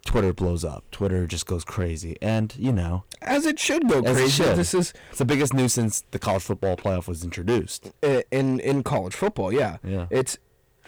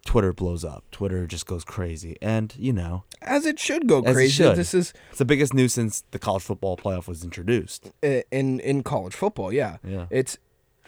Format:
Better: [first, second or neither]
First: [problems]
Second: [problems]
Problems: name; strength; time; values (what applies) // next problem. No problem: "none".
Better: second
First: distortion; heavy; 10% of the sound clipped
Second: none